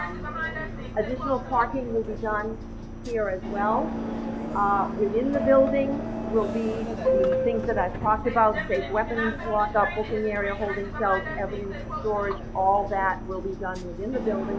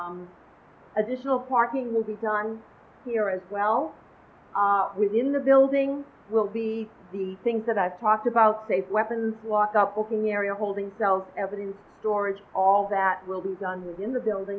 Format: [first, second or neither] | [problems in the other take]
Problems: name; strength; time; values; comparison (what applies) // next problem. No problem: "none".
second | background sound (Subway, metro, underground); 4 dB below the speech